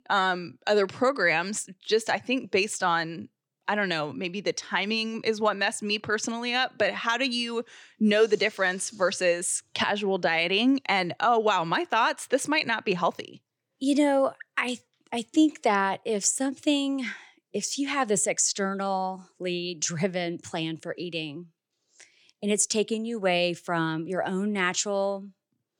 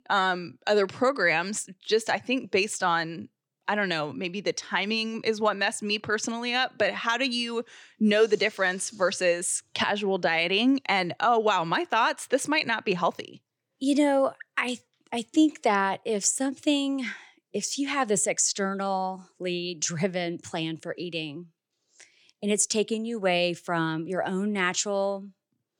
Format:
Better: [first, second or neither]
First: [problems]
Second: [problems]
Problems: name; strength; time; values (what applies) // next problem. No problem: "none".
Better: neither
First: none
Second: none